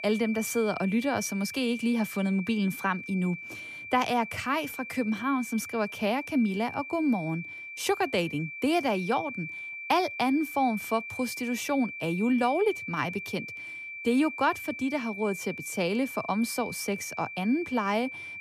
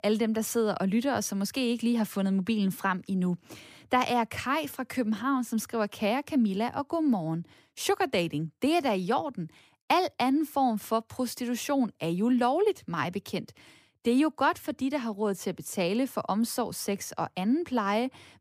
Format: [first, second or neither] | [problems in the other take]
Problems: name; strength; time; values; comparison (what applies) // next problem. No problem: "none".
second | high-pitched whine; loud; throughout; 2.5 kHz, 9 dB below the speech